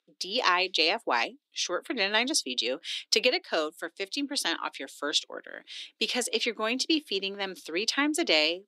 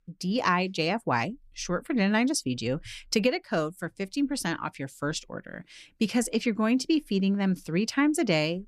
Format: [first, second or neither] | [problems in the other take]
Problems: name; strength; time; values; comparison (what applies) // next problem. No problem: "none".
second | thin; somewhat; fading below 300 Hz